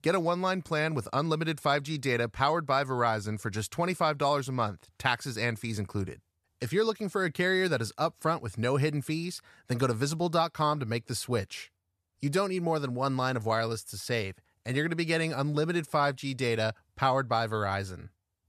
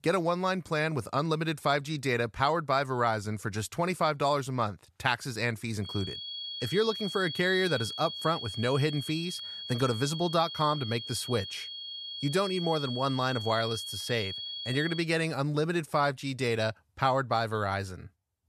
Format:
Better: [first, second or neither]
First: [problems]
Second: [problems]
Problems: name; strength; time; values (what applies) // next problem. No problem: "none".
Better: first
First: none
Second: high-pitched whine; loud; from 6 to 15 s; 3.5 kHz, 7 dB below the speech